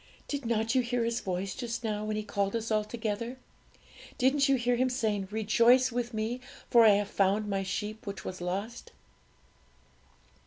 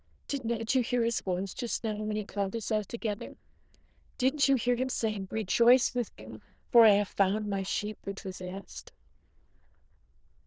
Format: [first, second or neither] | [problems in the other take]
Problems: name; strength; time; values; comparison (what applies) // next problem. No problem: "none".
first | noise reduction (neural diffusion model UNIVERSE++)